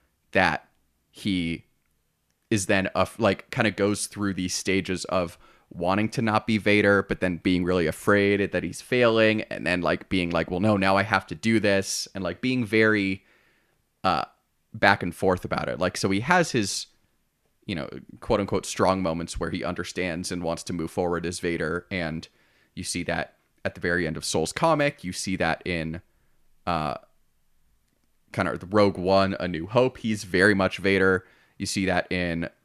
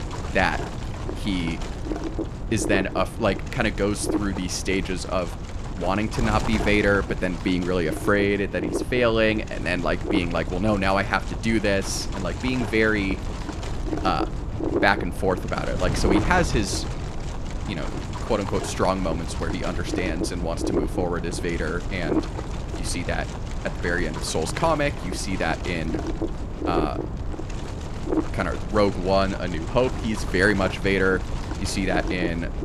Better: first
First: none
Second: wind noise on the microphone; heavy; 9 dB below the speech

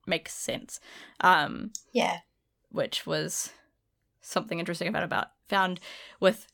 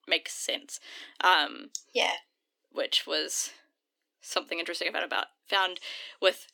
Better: first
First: none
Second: thin; somewhat; fading below 300 Hz

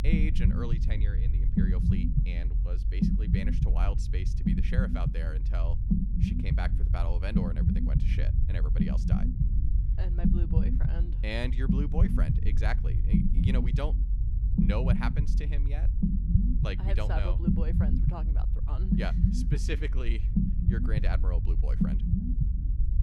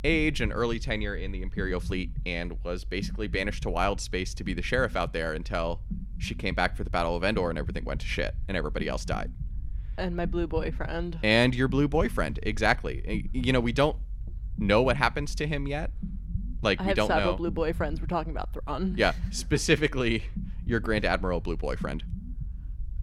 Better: second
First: low rumble; loud; throughout; as loud as the speech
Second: low rumble; faint; throughout; 25 dB below the speech

